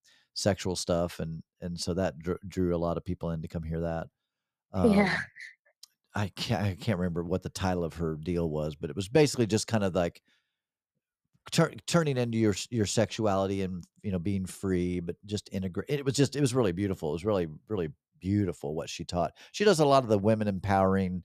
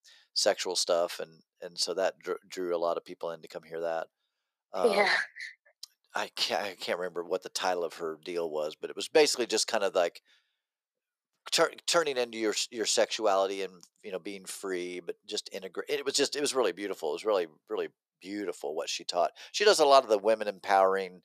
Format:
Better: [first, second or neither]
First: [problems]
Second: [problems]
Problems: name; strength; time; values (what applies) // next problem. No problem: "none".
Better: first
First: none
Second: thin; very; fading below 450 Hz